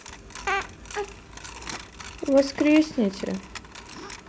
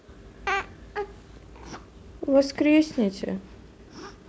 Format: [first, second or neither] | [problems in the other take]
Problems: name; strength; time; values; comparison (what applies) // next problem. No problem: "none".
second | background sound (Coin (dropping)); 16 dB below the speech